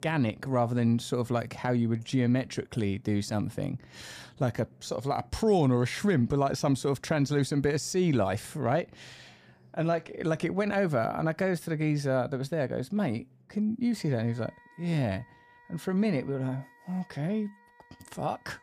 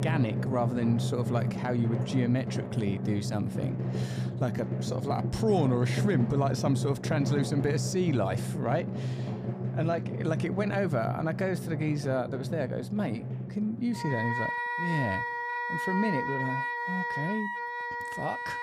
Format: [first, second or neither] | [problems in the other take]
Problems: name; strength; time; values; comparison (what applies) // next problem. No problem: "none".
first | background music; loud; throughout; 1 dB below the speech; faint in the first